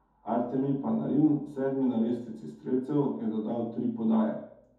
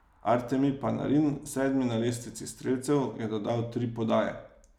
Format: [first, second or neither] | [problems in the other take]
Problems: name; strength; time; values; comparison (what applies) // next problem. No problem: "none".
second | room echo; dies away in 0.5 s